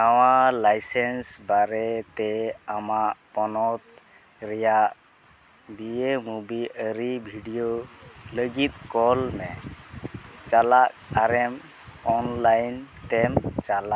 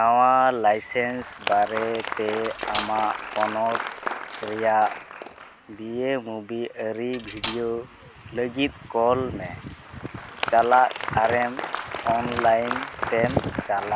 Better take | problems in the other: first | background sound (Applause + Cutlery, silverware); 10 dB below the speech

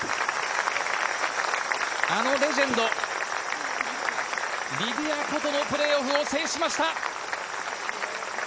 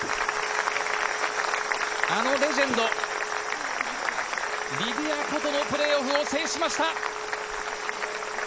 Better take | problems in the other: first | background sound (Telephone); 15 dB below the speech

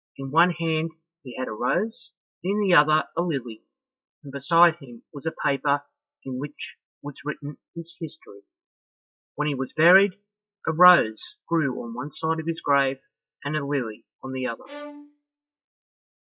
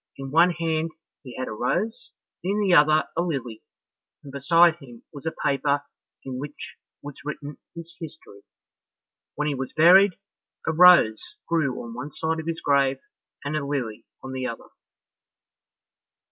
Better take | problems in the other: second | noise reduction (classical method log-MMSE)

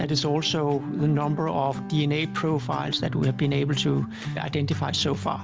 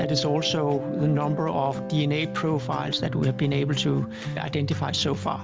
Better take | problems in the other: first | background sound (Mallet percussion); 12 dB below the speech

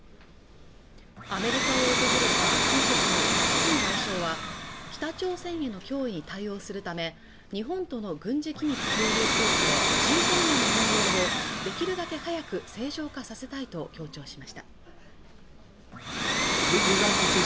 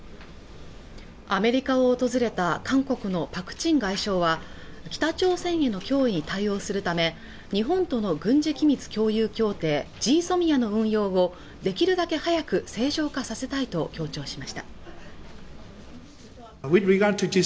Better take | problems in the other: second | background sound (Domestic sounds, home sounds); 5 dB above the speech

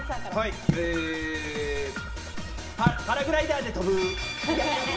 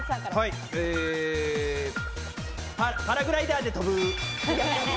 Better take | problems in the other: second | background sound (Raindrop / Drip); 5 dB below the speech // room echo; dies away in 0.8 s

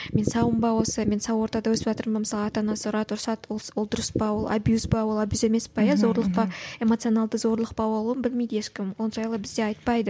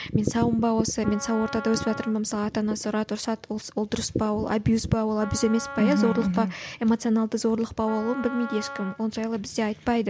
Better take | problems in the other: first | background sound (Wind instrument, woodwind instrument); 14 dB below the speech

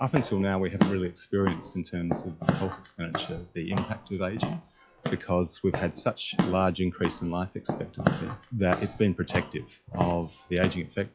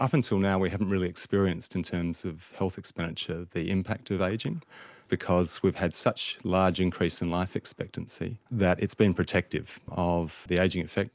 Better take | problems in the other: second | noise reduction (classical method log-MMSE)

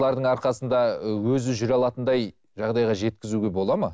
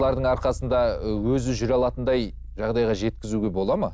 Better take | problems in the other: first | background sound (Bass guitar); 11 dB below the speech

